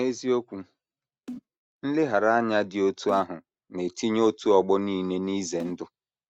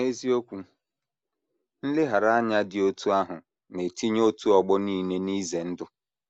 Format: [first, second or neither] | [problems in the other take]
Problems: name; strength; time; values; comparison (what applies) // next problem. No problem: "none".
second | noise reduction (neural mask model RNNoise)